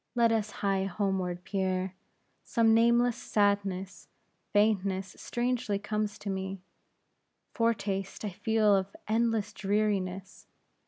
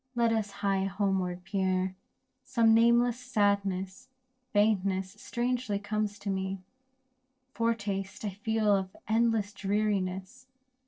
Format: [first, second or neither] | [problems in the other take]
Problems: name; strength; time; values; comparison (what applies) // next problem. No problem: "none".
first | noise reduction (neural separator model SepFormer DNS4)